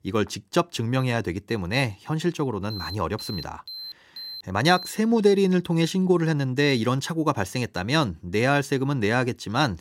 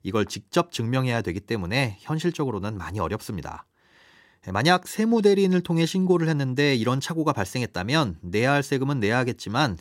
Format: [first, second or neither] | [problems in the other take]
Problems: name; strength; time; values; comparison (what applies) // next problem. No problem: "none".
second | alarm; faint; from 2.5 to 5 s; peak 10 dB below the speech